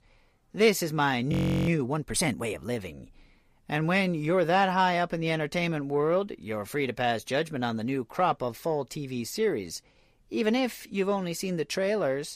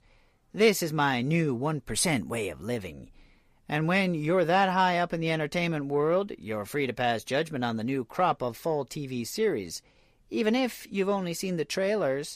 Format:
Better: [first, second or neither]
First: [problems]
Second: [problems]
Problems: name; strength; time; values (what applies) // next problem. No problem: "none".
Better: second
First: audio freezing; at 1.5 s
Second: none